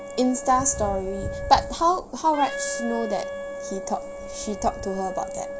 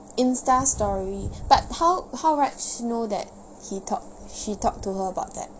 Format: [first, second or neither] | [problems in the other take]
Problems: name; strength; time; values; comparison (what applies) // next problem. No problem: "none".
second | background sound (Wind instrument, woodwind instrument); 9 dB below the speech